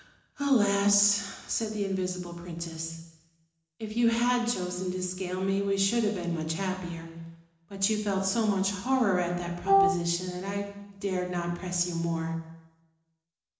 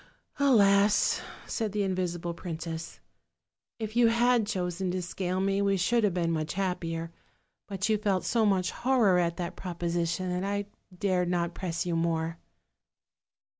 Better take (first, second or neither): second